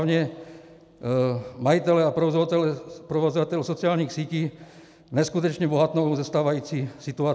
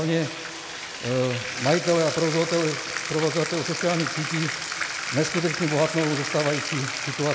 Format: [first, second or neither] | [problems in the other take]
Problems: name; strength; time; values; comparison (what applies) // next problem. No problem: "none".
first | background sound (Bathtub (filling or washing)); 5 dB below the speech